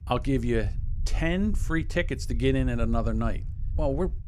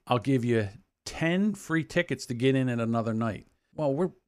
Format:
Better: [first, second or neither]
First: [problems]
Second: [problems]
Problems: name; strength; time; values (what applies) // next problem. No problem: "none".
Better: second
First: low rumble; faint; throughout; 20 dB below the speech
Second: none